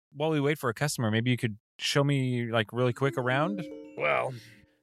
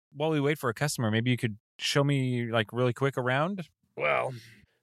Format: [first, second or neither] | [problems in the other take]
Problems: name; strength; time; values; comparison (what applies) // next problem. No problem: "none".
second | phone ringing; faint; from 3 to 4 s; peak 10 dB below the speech